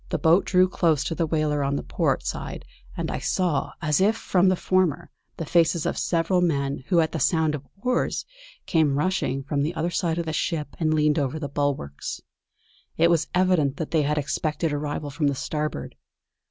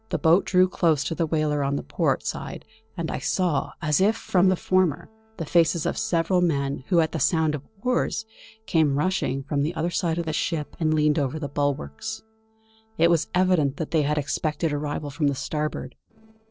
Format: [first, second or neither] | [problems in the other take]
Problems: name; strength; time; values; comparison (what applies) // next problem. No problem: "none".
first | noise reduction (neural separator model SepFormer DNS4)